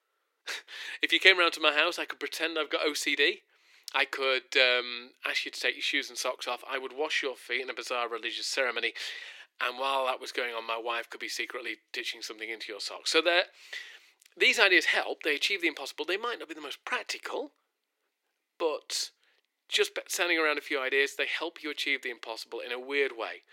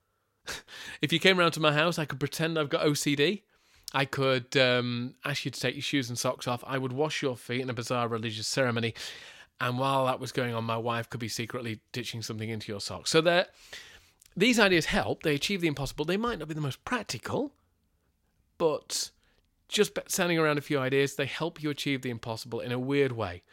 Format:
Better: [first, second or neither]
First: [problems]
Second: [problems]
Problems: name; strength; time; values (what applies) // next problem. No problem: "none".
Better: second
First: thin; very; fading below 350 Hz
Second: none